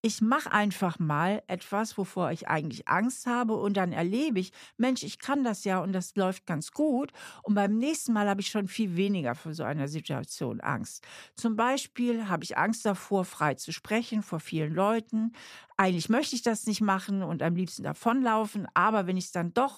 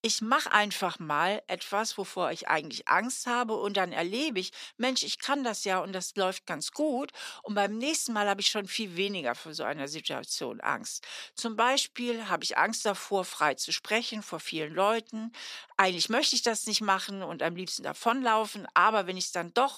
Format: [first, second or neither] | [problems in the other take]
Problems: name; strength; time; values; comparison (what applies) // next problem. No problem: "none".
first | thin; somewhat; fading below 350 Hz